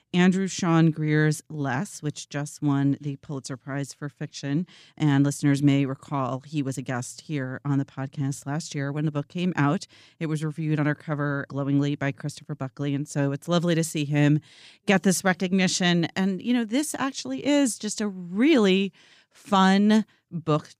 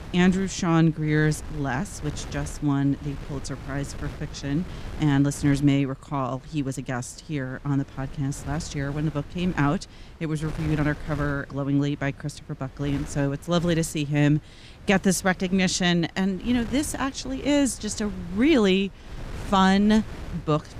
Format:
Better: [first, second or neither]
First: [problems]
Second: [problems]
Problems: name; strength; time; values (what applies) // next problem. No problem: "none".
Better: first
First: none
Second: wind noise on the microphone; occasional gusts; 20 dB below the speech